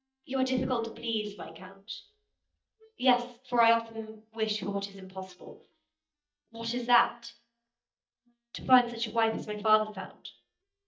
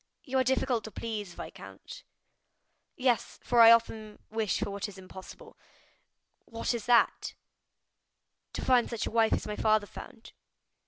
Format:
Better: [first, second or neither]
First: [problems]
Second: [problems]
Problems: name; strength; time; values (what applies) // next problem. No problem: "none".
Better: second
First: noise reduction (neural mask model DeepFilterNet 3)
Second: none